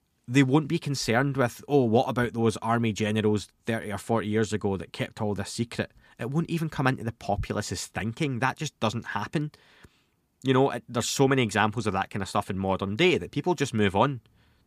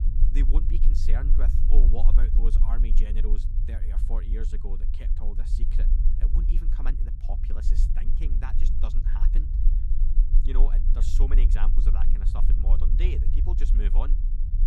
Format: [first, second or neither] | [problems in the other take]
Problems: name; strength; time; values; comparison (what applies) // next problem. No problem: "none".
first | low rumble; loud; throughout; 5 dB below the speech